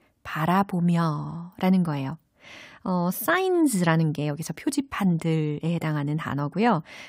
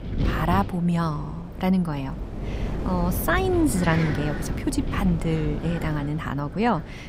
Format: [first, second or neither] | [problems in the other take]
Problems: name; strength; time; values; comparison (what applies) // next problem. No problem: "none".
first | wind noise on the microphone; heavy; 9 dB below the speech